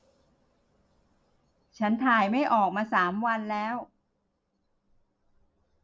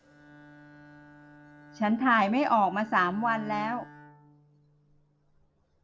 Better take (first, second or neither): first